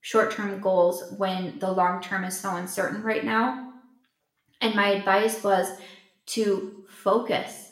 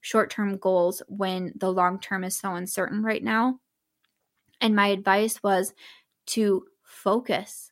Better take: second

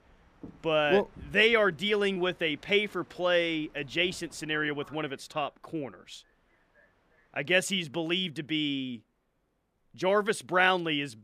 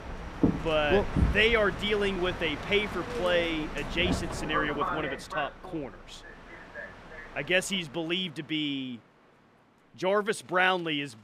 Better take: first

